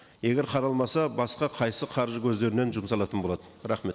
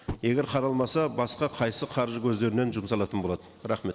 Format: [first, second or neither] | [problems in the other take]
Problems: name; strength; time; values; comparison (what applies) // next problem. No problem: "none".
first | background sound (Fire); 17 dB below the speech